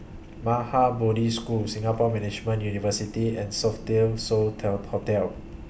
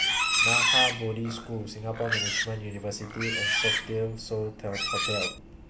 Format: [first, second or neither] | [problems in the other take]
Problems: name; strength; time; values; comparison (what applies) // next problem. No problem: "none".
first | background sound (Livestock, farm animals, working animals); 4 dB above the speech